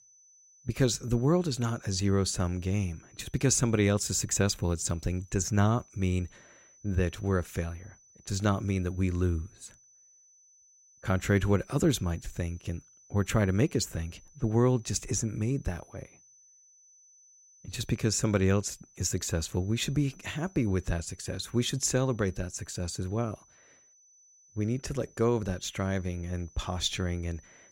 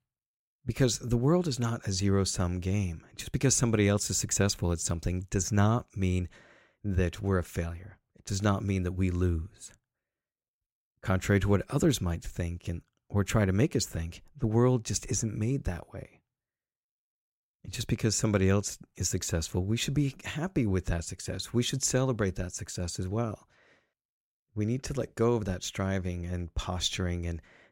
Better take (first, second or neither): second